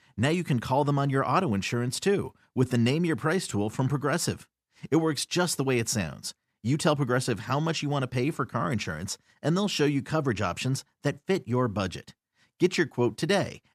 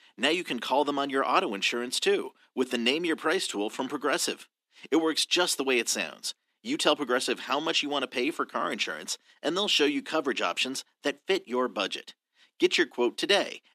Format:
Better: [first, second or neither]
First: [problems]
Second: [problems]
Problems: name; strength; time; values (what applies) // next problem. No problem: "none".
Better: first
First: none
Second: thin; somewhat; fading below 250 Hz